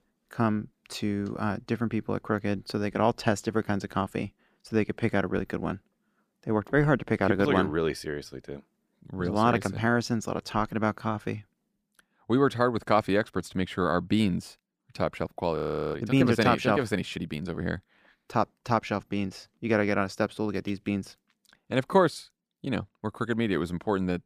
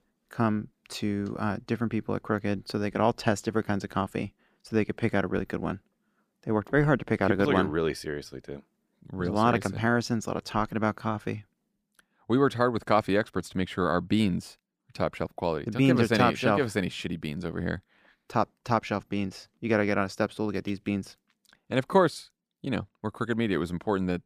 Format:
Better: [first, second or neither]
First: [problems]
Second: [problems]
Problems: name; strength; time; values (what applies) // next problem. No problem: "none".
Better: second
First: audio freezing; at 16 s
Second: none